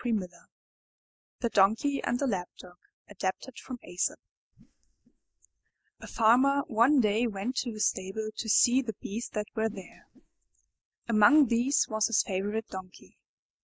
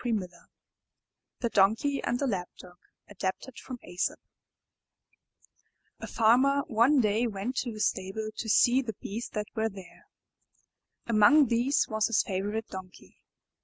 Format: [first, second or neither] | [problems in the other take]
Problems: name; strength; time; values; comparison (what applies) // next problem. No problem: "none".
second | noise reduction (neural mask model DeepFilterNet 3)